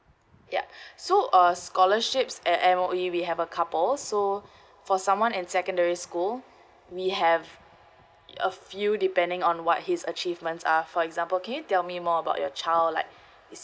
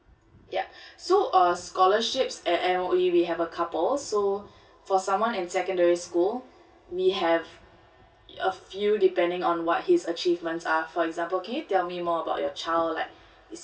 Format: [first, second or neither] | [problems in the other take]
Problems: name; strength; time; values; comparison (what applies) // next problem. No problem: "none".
first | room echo; dies away in 0.2 s